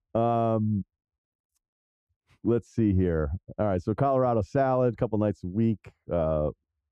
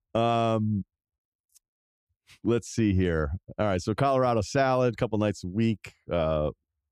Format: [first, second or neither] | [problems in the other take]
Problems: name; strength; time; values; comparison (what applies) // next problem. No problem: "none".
second | muffled; very; fading above 1.5 kHz